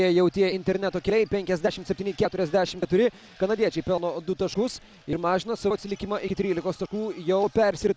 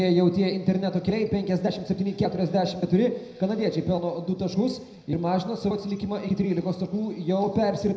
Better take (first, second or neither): first